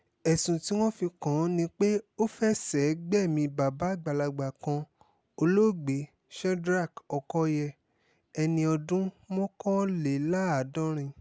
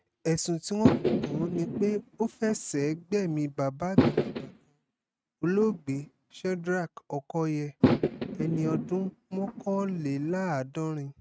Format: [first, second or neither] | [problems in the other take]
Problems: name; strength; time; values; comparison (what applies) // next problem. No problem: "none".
first | noise reduction (neural mask model RNNoise)